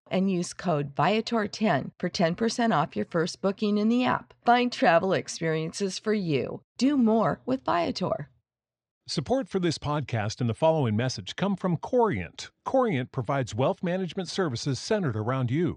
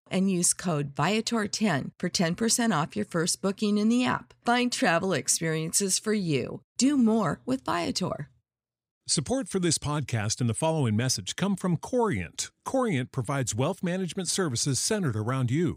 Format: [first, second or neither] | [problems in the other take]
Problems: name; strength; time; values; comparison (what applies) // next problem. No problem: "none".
second | muffled; slightly; fading above 4.5 kHz